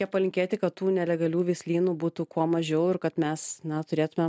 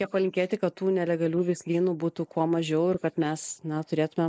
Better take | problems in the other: first | noise reduction (neural mask model Resemble Enhance denoiser)

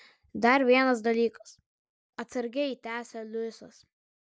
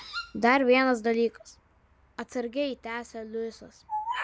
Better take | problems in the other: first | background sound (Bird vocalization, bird call, bird song); 12 dB below the speech

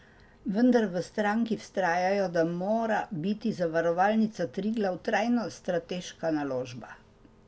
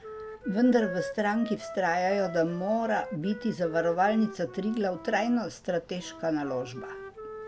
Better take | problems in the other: first | background sound (Wind instrument, woodwind instrument); 13 dB below the speech

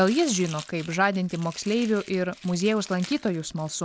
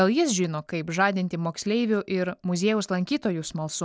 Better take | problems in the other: second | background sound (Domestic sounds, home sounds); 19 dB below the speech

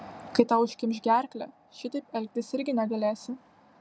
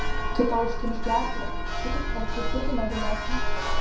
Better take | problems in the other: first | background sound (Church bell); 5 dB above the speech // room echo; dies away in 0.6 s

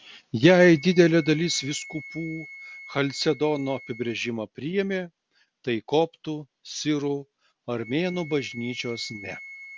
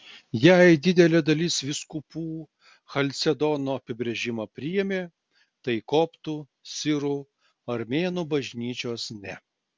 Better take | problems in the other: second | background sound (Wind instrument, woodwind instrument); 19 dB below the speech

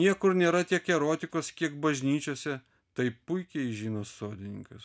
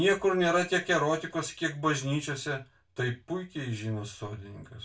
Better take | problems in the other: first | room echo; dies away in 0.2 s

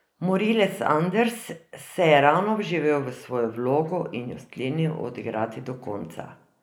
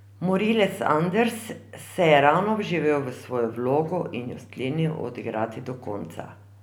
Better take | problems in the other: second | noise reduction (neural mask model Resemble Enhance denoiser)

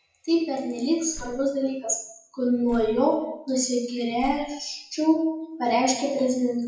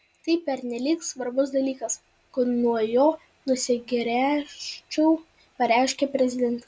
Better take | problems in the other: second | noise reduction (classical method WPE with log-MMSE)

